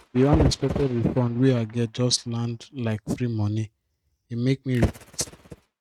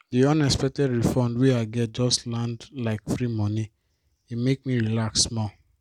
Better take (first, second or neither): second